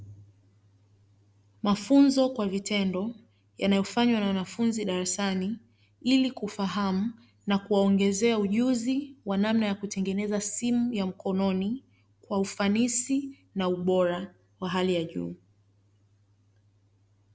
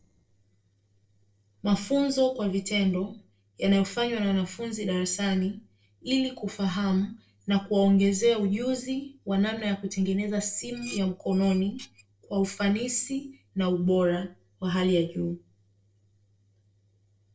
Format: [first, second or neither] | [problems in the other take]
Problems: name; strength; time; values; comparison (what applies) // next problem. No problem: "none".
first | noise reduction (neural separator model SepFormer DNS4)